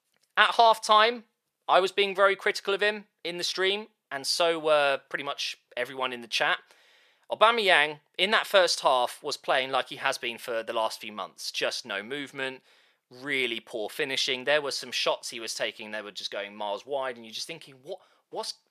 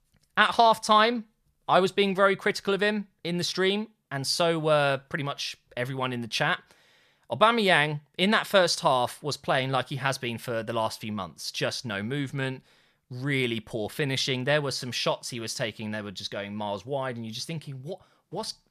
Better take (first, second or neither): second